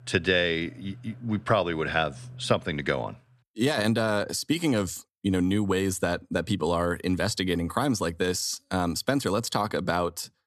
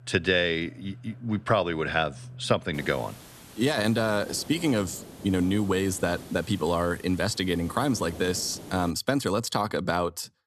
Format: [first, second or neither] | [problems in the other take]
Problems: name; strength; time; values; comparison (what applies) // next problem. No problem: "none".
first | hiss; noticeable; from 2.5 to 9 s; 15 dB below the speech